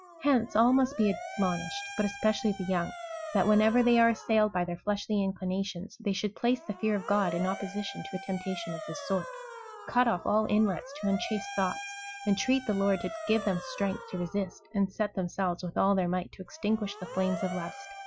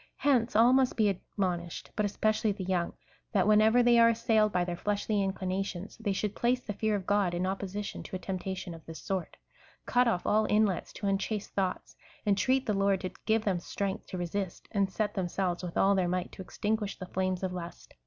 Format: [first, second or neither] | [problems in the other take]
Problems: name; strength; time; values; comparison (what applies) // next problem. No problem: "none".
second | noise reduction (classical method Wiener filter)